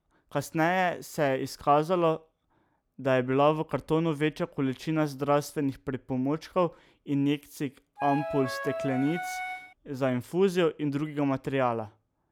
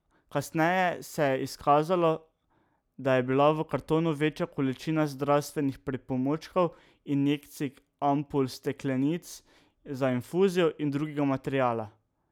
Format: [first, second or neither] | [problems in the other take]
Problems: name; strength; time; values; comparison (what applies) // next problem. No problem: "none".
second | background sound (Wind instrument, woodwind instrument); 6 dB below the speech